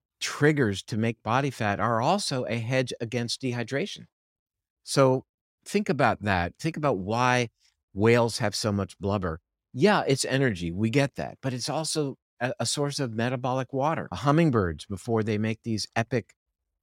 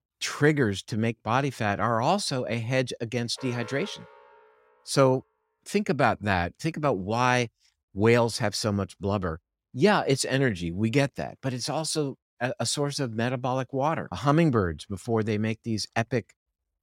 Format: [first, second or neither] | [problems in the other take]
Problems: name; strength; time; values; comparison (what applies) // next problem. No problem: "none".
first | alarm; faint; from 3.5 to 4.5 s; peak 15 dB below the speech